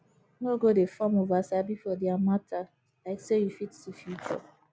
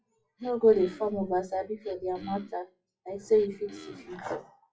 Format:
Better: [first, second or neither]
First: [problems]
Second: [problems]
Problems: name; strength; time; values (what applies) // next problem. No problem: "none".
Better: first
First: none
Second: noise reduction (classical method WPE with log-MMSE)